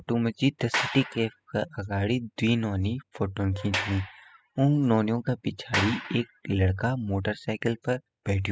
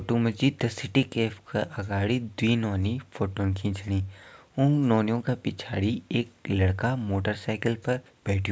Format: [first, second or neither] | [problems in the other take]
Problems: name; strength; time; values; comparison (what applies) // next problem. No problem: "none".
second | noise reduction (classical method spectral subtraction)